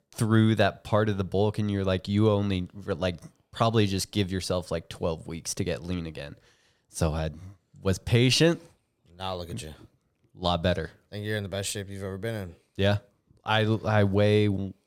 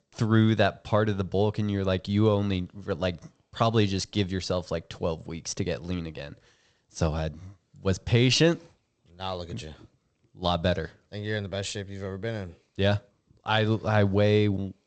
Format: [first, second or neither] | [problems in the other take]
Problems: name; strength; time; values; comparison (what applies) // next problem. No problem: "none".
first | garbled, watery; slightly; nothing above 8 kHz